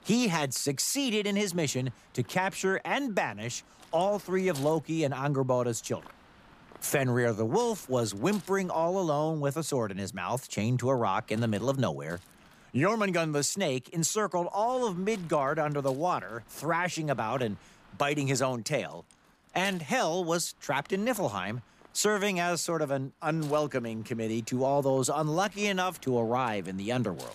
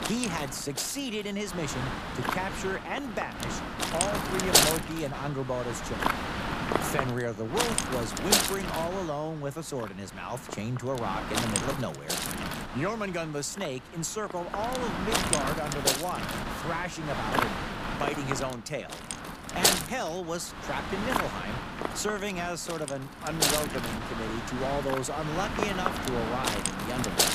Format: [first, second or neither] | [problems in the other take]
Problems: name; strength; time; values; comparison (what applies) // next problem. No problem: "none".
first | wind noise on the microphone; heavy; 4 dB above the speech; occasional gusts in the first